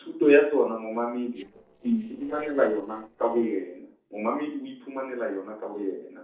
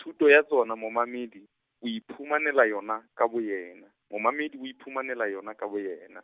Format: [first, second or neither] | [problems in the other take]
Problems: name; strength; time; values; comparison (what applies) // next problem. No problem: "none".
second | noise reduction (neural separator model SepFormer DNS4)